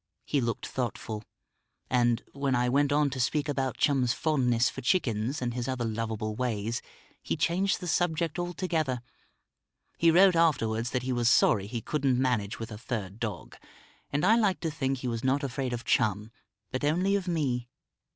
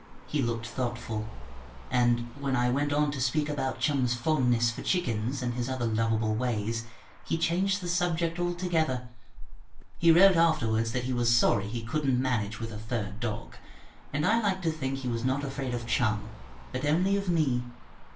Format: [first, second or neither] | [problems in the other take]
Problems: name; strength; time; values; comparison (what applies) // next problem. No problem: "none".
first | background sound (Motor vehicle (road)); 10 dB below the speech // room echo; dies away in 0.3 s